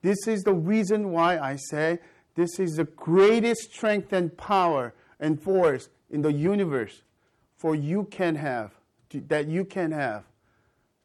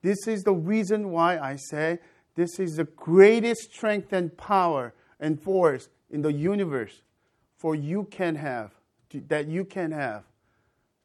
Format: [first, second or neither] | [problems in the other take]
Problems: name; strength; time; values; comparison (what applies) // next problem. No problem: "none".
second | distortion; slight; 10 dB below the speech